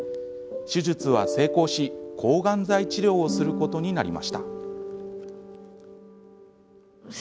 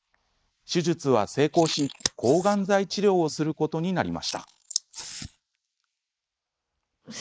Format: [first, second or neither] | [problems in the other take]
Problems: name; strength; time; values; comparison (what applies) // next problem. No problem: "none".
first | noise reduction (neural mask model Resemble Enhance denoiser)